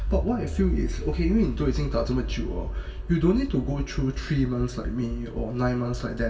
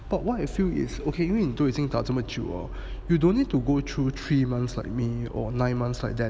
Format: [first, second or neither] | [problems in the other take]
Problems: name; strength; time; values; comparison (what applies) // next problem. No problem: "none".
second | background sound (Accelerating, revving, vroom); 4 dB below the speech // room echo; dies away in 0.3 s